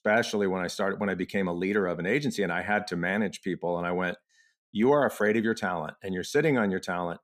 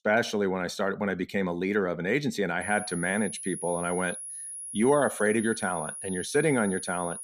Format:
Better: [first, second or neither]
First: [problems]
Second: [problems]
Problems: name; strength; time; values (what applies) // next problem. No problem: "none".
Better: first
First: none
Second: high-pitched whine; loud; from 2.5 s on; 10.5 kHz, 8 dB below the speech